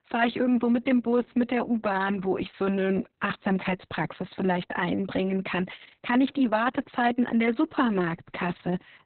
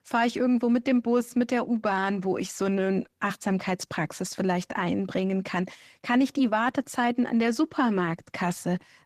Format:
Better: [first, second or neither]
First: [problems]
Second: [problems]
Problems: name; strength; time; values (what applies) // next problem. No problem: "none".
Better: second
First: garbled, watery; badly; nothing above 4 kHz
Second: garbled, watery; slightly; nothing above 14.5 kHz